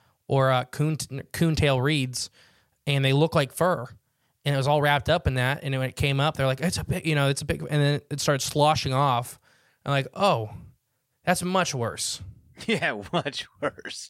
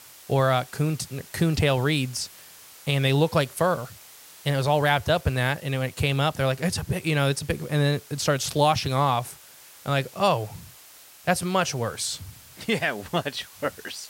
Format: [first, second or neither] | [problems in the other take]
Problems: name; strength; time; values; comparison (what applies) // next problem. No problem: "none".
first | hiss; faint; throughout; 20 dB below the speech